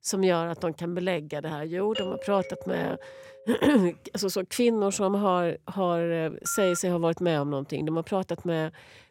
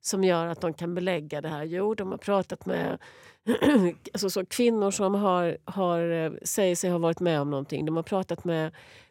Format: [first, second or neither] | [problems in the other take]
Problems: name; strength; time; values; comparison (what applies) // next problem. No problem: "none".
second | doorbell; noticeable; from 2 to 3.5 s; peak 7 dB below the speech // phone ringing; noticeable; at 6.5 s; peak 8 dB below the speech